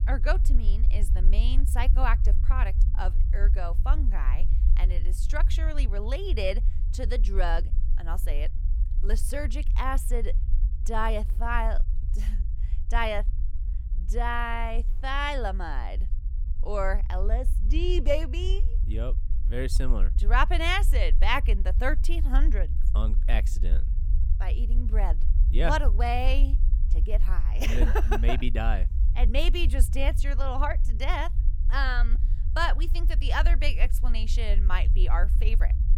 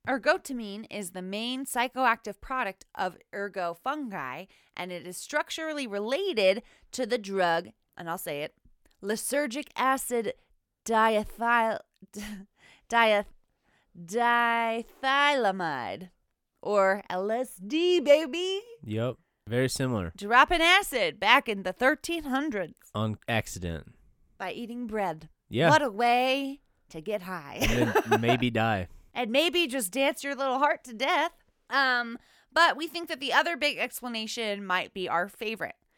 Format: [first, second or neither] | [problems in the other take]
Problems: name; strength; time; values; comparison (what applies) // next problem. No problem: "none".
second | low rumble; noticeable; throughout; 20 dB below the speech